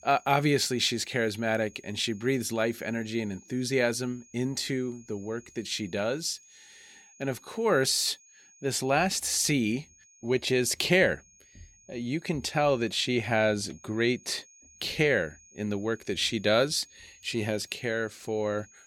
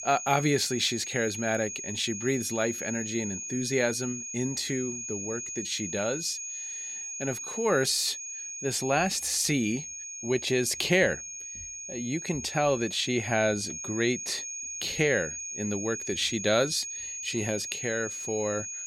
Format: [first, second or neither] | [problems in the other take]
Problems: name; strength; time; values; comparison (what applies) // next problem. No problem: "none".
first | high-pitched whine; loud; throughout; 6.5 kHz, 6 dB below the speech; faint in the first